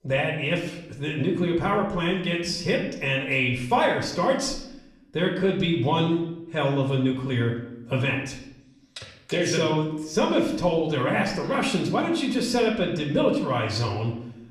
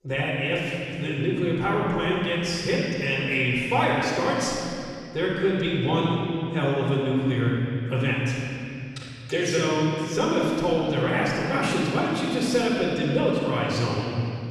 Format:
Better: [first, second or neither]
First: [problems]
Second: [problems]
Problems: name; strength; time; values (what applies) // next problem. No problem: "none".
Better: first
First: room echo; slight; dies away in 0.7 s // off-mic speech; far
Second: room echo; strong; dies away in 2.5 s // off-mic speech; far